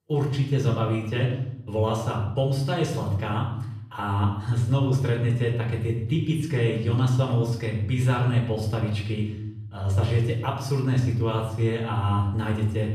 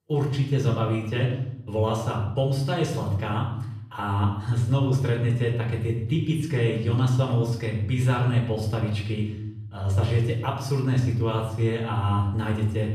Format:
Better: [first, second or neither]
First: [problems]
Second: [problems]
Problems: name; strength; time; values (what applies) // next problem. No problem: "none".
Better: neither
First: off-mic speech; far // room echo; noticeable; dies away in 0.7 s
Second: off-mic speech; far // room echo; noticeable; dies away in 0.7 s